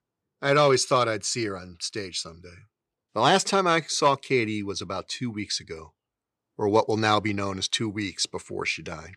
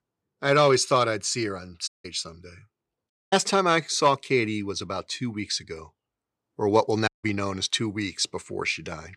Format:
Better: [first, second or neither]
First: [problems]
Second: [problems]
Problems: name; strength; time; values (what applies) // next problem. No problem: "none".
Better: first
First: none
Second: audio cutting out; at 2 s, at 3 s and at 7 s